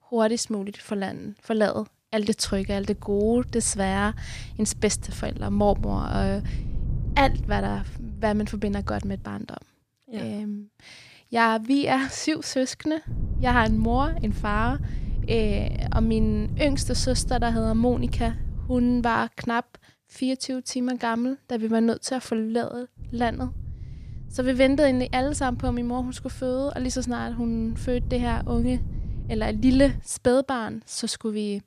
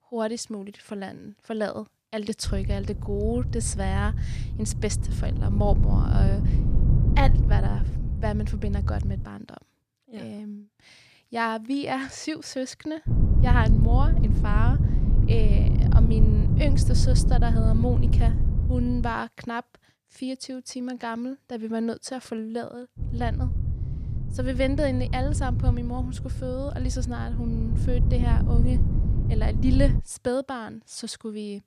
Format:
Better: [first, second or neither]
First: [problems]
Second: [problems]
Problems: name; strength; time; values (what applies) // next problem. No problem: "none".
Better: first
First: low rumble; faint; from 2.5 to 9.5 s, from 13 to 19 s and from 23 to 30 s; 20 dB below the speech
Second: low rumble; loud; from 2.5 to 9.5 s, from 13 to 19 s and from 23 to 30 s; 6 dB below the speech